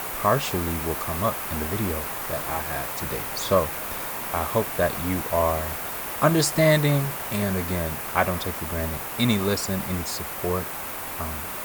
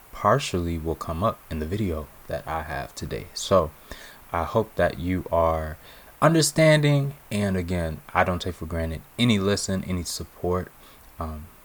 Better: second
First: hiss; loud; throughout; 3 dB below the speech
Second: hiss; faint; throughout; 25 dB below the speech

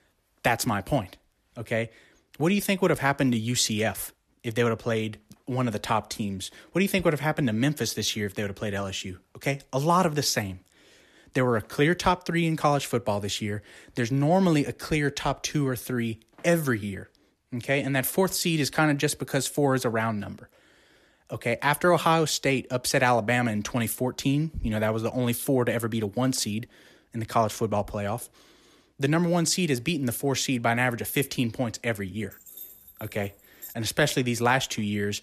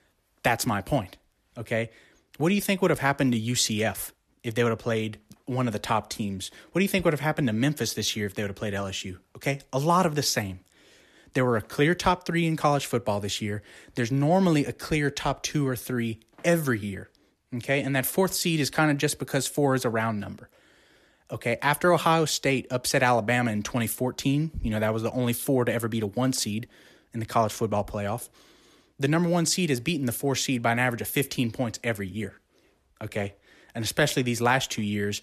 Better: second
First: jangling keys; faint; from 32 to 34 s; peak 15 dB below the speech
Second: none

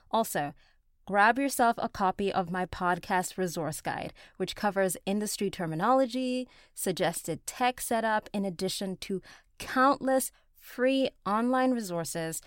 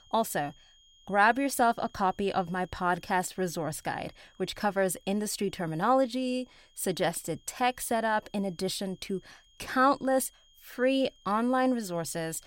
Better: first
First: none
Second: high-pitched whine; faint; throughout; 3 kHz, 30 dB below the speech

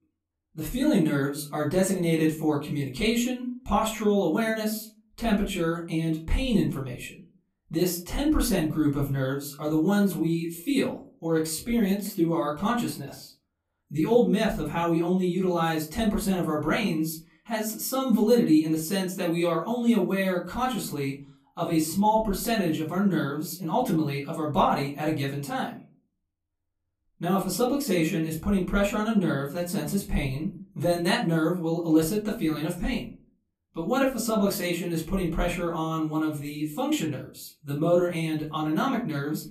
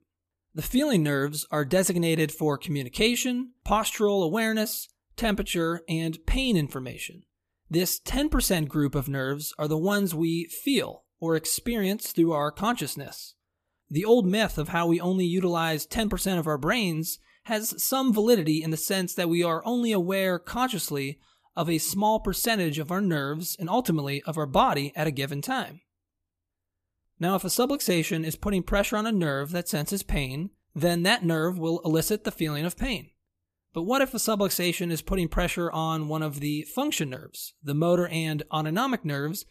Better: second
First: off-mic speech; far // room echo; slight; dies away in 0.3 s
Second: none

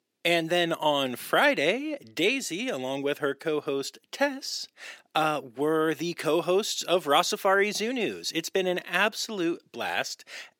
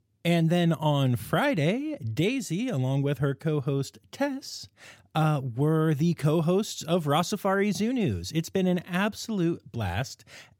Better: second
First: thin; somewhat; fading below 350 Hz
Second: none

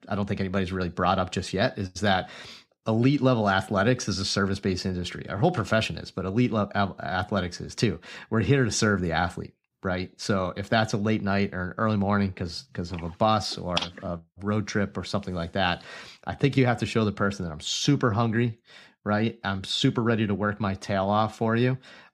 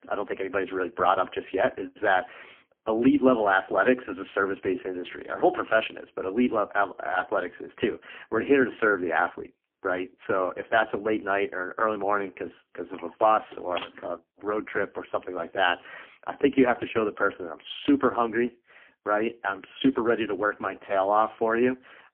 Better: first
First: none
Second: phone-call audio; poor line; nothing above 3.5 kHz

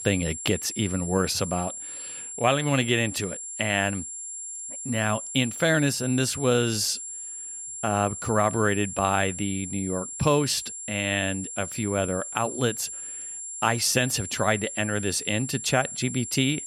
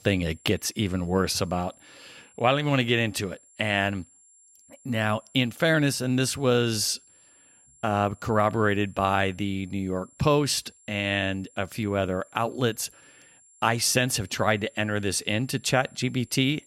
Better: second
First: high-pitched whine; loud; throughout; 7.5 kHz, 8 dB below the speech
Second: high-pitched whine; faint; throughout; 7.5 kHz, 30 dB below the speech

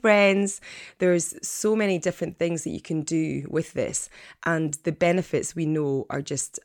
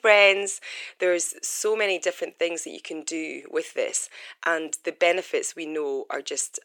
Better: first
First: none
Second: thin; very; fading below 400 Hz

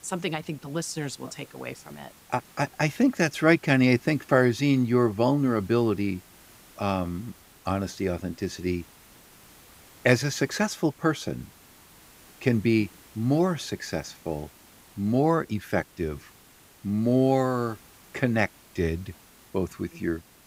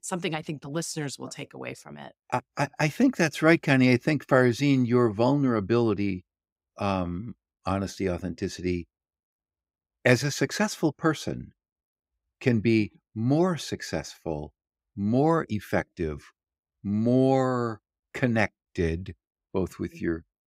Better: second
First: hiss; faint; throughout; 25 dB below the speech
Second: none

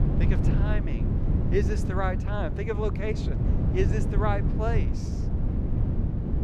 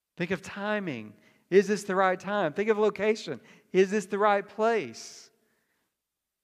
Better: second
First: wind noise on the microphone; heavy; 5 dB below the speech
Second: none

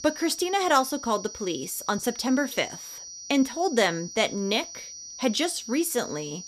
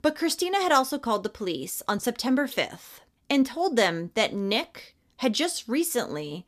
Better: second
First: high-pitched whine; noticeable; throughout; 6 kHz, 10 dB below the speech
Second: none

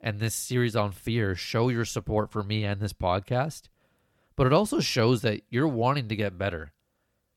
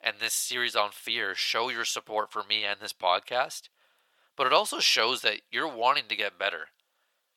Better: first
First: none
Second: thin; very; fading below 850 Hz

